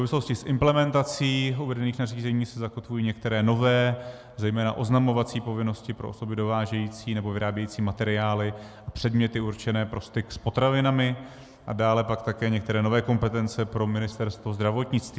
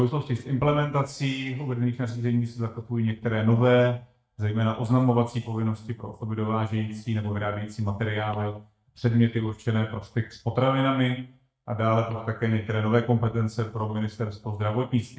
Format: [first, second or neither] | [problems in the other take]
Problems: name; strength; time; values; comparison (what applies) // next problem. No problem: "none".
first | noise reduction (neural mask model DeepFilterNet 3)